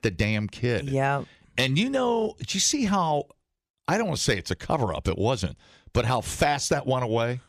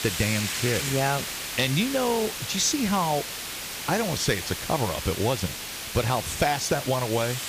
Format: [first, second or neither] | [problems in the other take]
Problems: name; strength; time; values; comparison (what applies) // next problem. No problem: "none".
first | hiss; loud; throughout; 5 dB below the speech